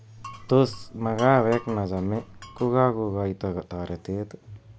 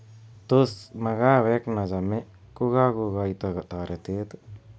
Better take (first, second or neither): second